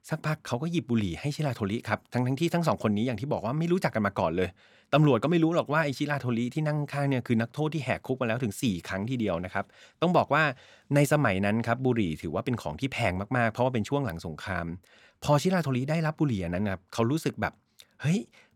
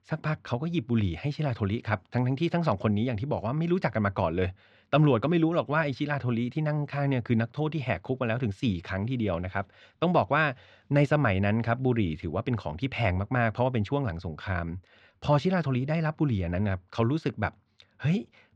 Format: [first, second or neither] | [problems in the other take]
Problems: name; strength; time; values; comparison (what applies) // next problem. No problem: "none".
first | muffled; very slightly; fading above 4 kHz